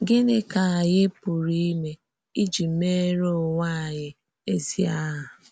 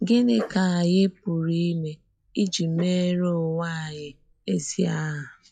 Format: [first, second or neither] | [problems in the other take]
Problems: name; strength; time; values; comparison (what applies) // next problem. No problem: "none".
first | noise reduction (classical method log-MMSE)